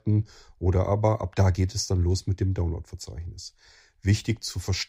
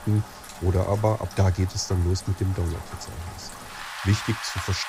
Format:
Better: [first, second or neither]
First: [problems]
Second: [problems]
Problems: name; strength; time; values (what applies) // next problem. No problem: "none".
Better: first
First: none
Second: rain or running water; noticeable; throughout; 10 dB below the speech